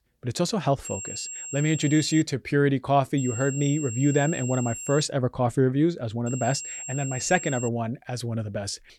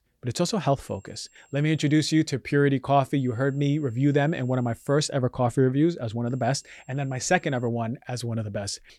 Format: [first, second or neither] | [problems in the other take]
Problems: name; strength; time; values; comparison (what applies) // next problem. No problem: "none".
second | high-pitched whine; loud; from 1 to 2 s, from 3 to 5 s and from 6.5 to 7.5 s; 7.5 kHz, 9 dB below the speech; faint in the second